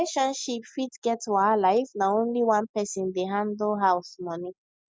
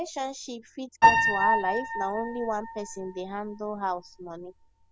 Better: first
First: none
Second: background sound (Piano); 4 dB above the speech

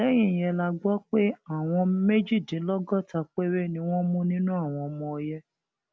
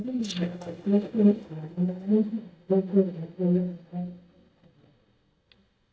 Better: first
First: none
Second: noise reduction (neural mask model DeepFilterNet 3)

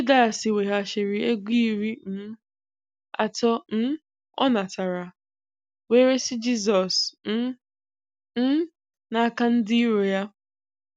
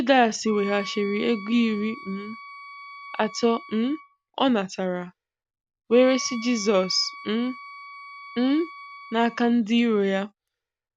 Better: first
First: none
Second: background sound (Wind instrument, woodwind instrument); 17 dB below the speech

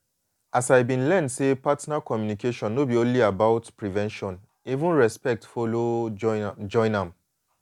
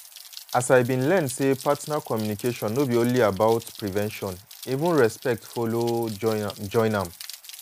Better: first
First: none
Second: background sound (Rain); 18 dB below the speech

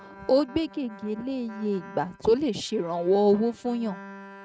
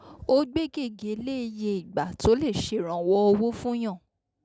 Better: second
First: noise reduction (neural mask model RNNoise)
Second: none

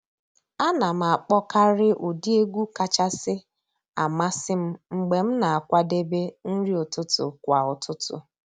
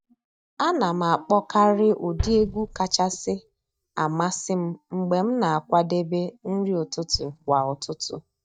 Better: first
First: none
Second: noise reduction (neural mask model DeepFilterNet 3)

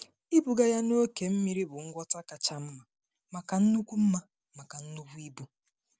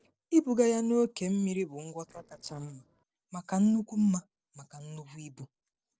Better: first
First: none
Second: noise reduction (neural separator model SepFormer DNS4)

